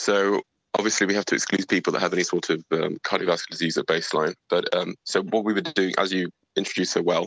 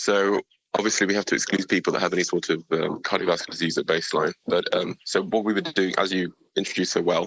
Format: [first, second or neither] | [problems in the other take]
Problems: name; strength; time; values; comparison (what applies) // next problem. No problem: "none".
first | noise reduction (neural mask model Resemble Enhance denoiser)